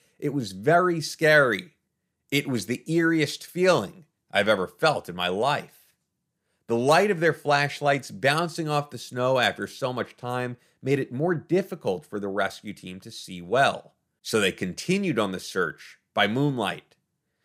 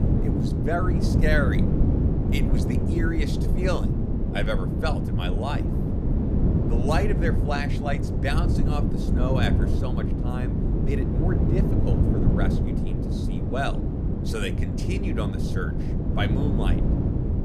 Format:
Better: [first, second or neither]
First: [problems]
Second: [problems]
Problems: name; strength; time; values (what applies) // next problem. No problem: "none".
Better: first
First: none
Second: wind noise on the microphone; heavy; 2 dB below the speech